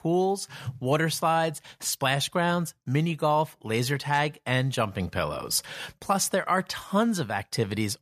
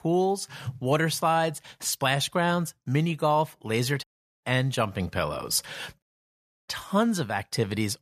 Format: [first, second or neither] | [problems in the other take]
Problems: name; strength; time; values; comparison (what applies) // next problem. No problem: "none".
first | audio cutting out; at 4 s and at 6 s for 0.5 s